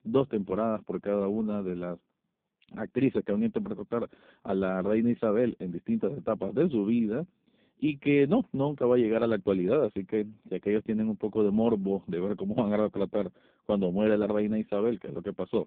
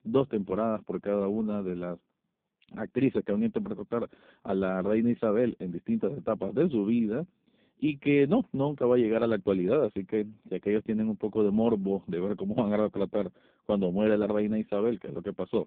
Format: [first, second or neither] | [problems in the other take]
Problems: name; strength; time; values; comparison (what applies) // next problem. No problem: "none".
neither | phone-call audio; poor line; nothing above 3.5 kHz; the same in both